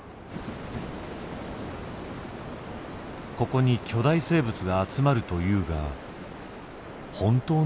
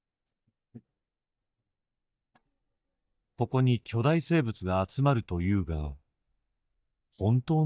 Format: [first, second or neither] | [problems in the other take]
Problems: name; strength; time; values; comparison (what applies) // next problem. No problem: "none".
first | noise reduction (neural mask model DeepFilterNet 3)